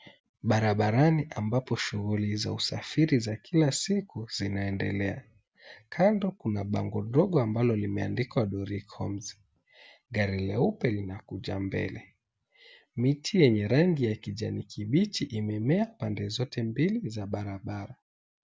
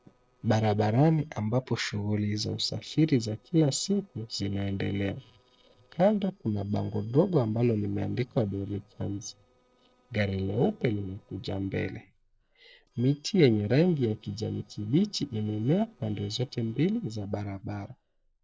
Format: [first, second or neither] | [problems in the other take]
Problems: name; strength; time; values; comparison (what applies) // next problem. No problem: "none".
first | noise reduction (neural separator model SepFormer DNS4)